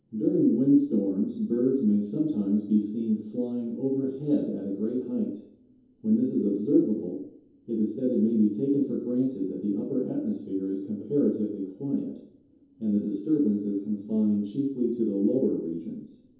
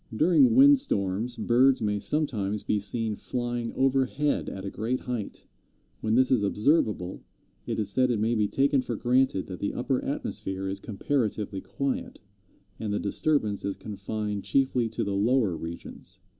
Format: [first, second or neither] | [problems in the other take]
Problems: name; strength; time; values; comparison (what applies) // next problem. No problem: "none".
second | room echo; dies away in 0.7 s